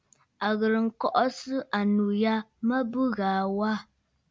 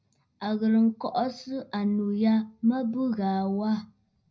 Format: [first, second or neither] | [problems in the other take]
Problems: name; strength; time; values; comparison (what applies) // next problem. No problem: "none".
first | room echo; dies away in 0.5 s